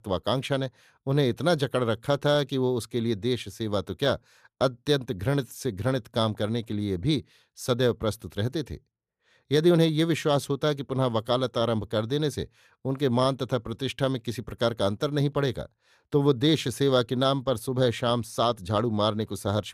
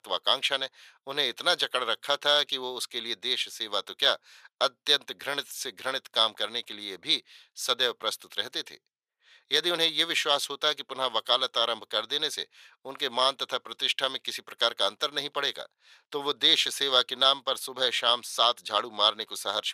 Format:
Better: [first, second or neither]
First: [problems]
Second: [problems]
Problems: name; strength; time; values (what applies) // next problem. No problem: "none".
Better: first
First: none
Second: thin; very; fading below 800 Hz